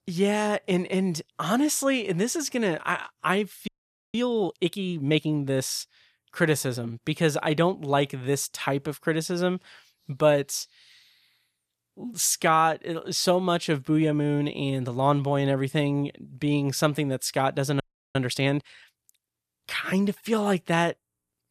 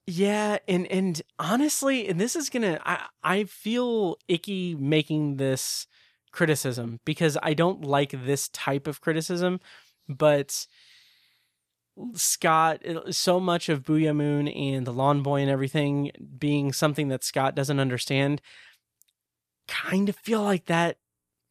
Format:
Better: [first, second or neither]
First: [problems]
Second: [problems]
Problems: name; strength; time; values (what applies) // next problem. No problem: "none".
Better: second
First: audio freezing; at 3.5 s and at 18 s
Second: none